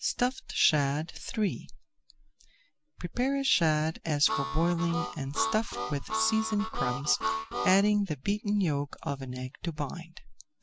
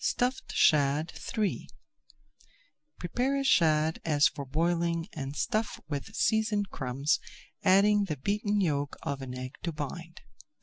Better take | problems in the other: second | background sound (Harmonica); 4 dB below the speech

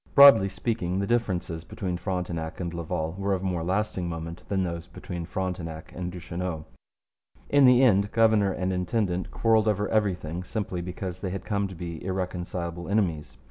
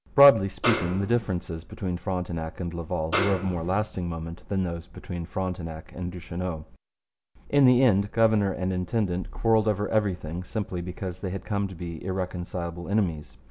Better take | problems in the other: first | background sound (Snare drum); 4 dB below the speech

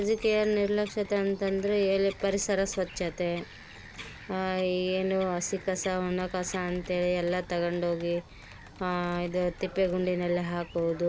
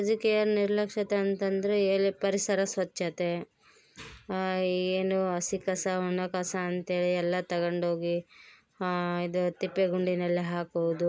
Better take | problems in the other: second | background sound (Computer keyboard + Bird vocalization, bird call, bird song); 17 dB below the speech

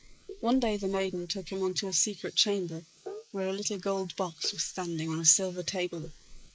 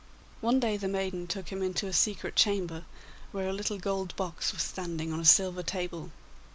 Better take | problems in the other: second | noise reduction (neural mask model Resemble Enhance denoiser)

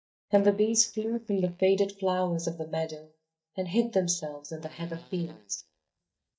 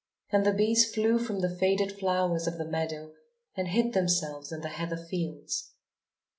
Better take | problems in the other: second | noise reduction (neural mask model DeepFilterNet 3)

